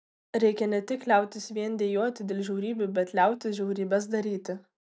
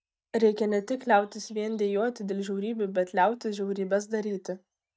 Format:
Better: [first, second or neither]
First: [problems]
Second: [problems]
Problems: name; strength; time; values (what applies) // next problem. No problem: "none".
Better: first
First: none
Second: noise reduction (neural mask model DeepFilterNet 3)